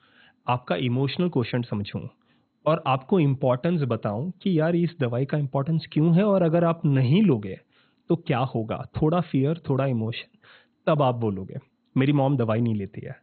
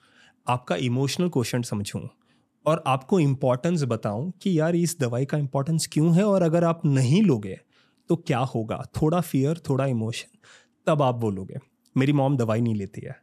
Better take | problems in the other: second | garbled, watery; badly; nothing above 4 kHz

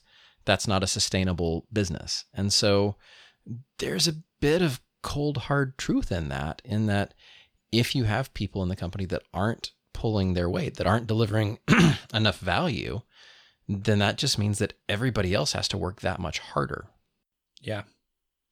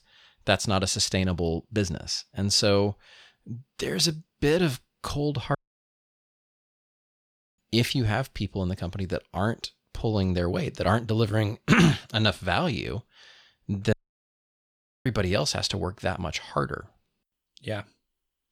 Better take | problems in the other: first | audio cutting out; at 5.5 s for 2 s and at 14 s for 1 s

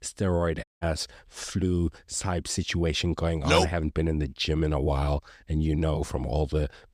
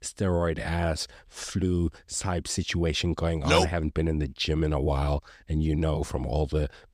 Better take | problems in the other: second | audio cutting out; at 0.5 s

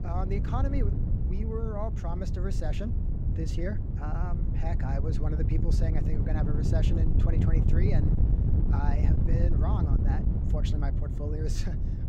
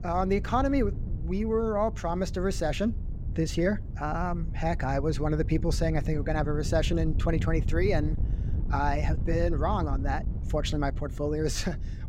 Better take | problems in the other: second | wind noise on the microphone; heavy; 2 dB below the speech; occasional gusts in the second

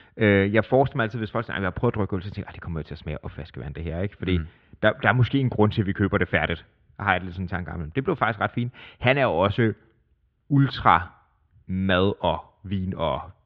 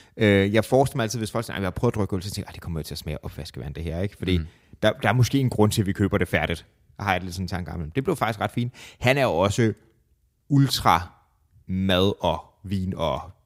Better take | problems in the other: second | muffled; very; fading above 3.5 kHz

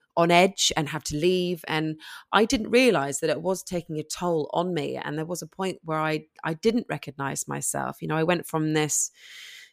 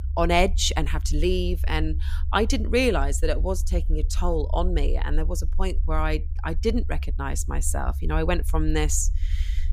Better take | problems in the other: first | low rumble; faint; throughout; 20 dB below the speech

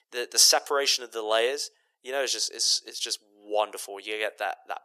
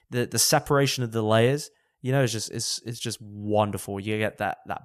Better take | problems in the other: second | thin; very; fading below 400 Hz

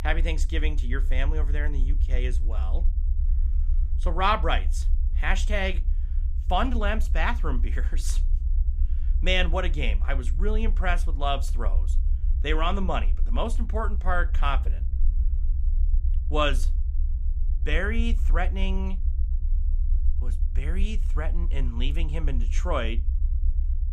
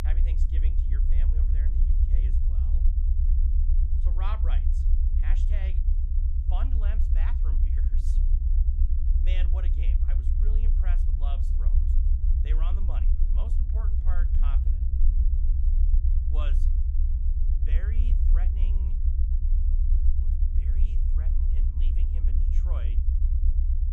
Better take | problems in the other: first | low rumble; loud; throughout; 1 dB below the speech; faint in the first

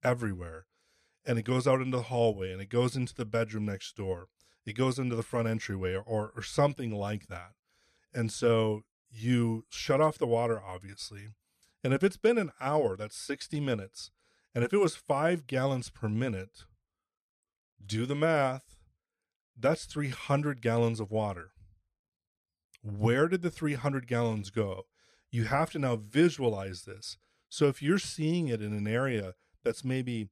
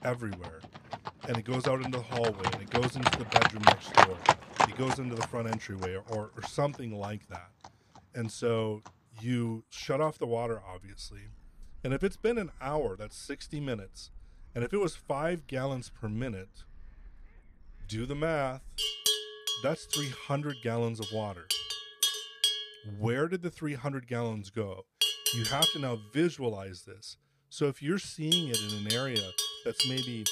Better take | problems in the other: first | animal sounds; very loud; throughout; 5 dB above the speech

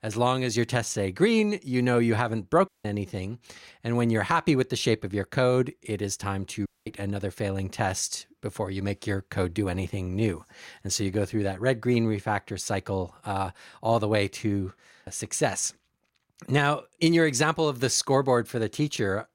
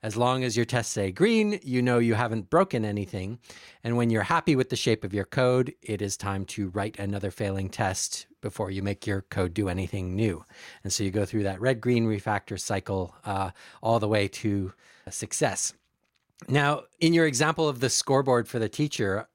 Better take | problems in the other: second | audio cutting out; at 2.5 s and at 6.5 s

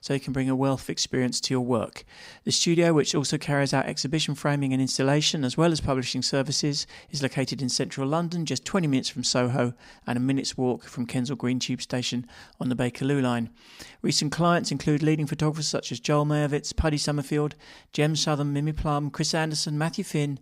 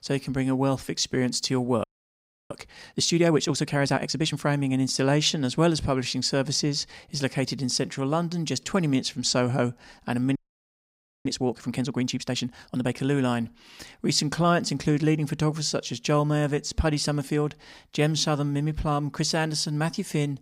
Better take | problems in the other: first | audio freezing; at 2 s for 0.5 s and at 10 s for 1 s

